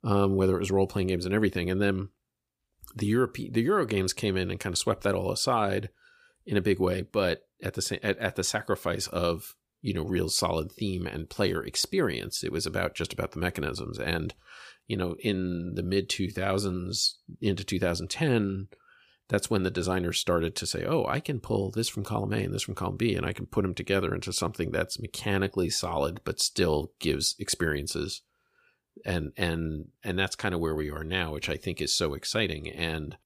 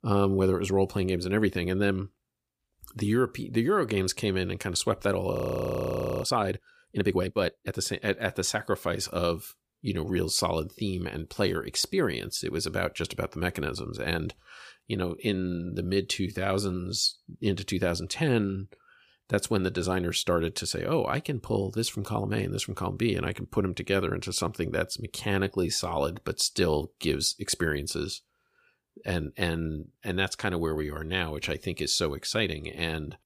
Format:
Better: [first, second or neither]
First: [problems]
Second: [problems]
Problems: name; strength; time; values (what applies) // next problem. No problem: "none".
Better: first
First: none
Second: audio freezing; at 5.5 s for 1 s